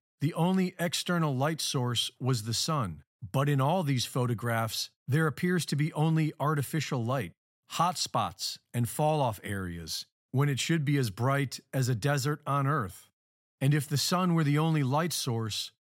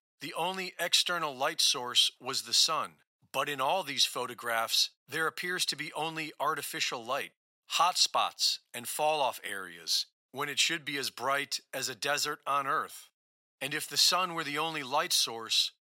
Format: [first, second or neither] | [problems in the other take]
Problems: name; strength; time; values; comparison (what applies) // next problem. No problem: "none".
first | thin; very; fading below 600 Hz